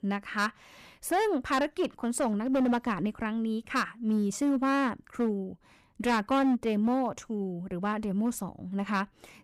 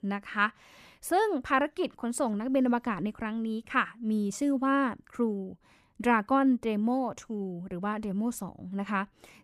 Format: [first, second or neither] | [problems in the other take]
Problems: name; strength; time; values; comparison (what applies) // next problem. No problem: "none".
second | distortion; slight; 7% of the sound clipped